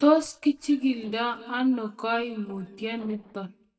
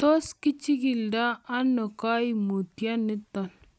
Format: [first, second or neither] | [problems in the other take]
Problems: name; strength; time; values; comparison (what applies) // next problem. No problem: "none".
second | noise reduction (neural mask model DeepFilterNet 3)